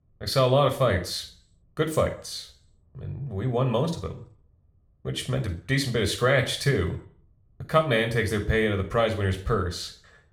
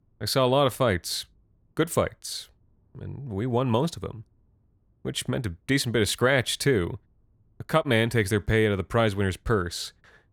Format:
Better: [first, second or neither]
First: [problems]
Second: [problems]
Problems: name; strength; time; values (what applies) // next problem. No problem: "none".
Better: second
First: room echo; slight; dies away in 0.4 s // off-mic speech; somewhat distant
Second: none